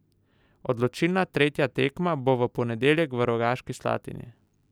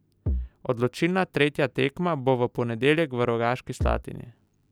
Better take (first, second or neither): first